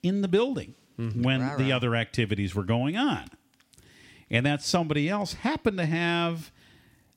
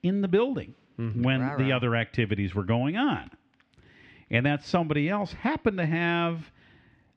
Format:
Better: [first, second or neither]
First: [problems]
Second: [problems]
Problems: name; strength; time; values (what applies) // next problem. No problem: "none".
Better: first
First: none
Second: muffled; slightly; fading above 2.5 kHz